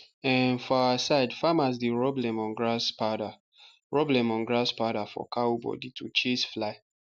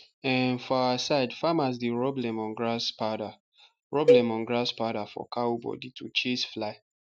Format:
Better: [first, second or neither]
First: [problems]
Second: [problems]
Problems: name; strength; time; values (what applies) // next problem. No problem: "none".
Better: first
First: none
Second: noise reduction (neural mask model RNNoise)